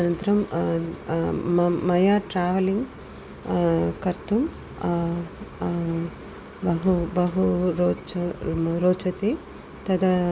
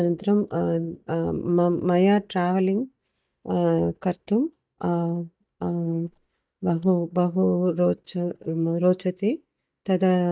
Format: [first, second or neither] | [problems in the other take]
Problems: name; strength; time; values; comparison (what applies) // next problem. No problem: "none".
first | noise reduction (neural mask model DeepFilterNet 3)